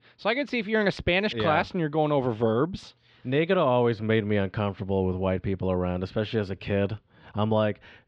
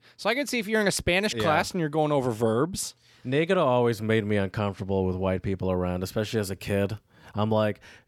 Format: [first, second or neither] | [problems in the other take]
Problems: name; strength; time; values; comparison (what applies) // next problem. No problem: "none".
second | muffled; slightly; fading above 3.5 kHz